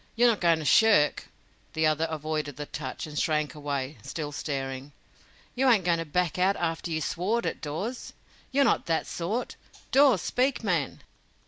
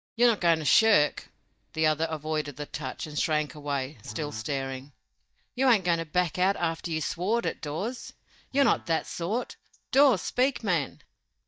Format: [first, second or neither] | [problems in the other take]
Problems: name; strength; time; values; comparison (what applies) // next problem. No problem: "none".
first | noise reduction (neural mask model DeepFilterNet 3)